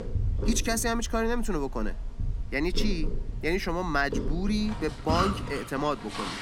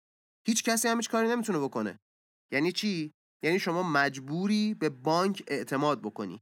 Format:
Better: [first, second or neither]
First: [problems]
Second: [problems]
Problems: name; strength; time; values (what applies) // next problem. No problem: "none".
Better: second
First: animal sounds; loud; throughout; 5 dB below the speech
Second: none